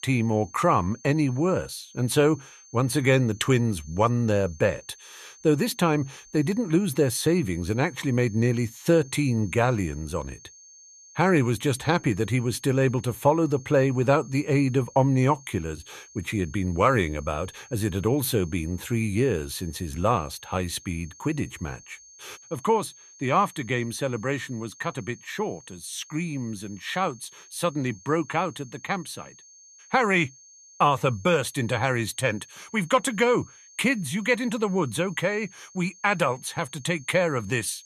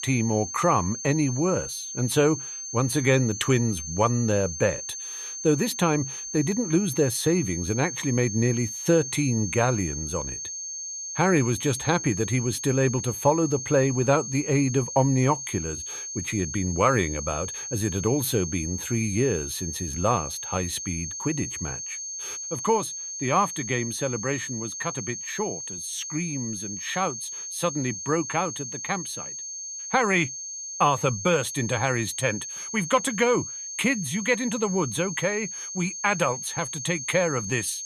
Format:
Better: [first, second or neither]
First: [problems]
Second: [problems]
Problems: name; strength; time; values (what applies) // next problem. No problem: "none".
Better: first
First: high-pitched whine; faint; throughout; 6.5 kHz, 25 dB below the speech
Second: high-pitched whine; loud; throughout; 6.5 kHz, 6 dB below the speech